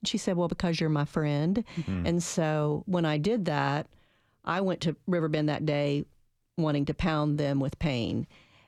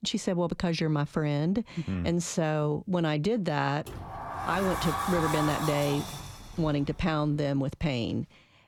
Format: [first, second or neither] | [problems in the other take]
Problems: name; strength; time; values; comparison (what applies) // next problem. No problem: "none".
first | door banging; noticeable; from 4 to 7.5 s; peak 1 dB below the speech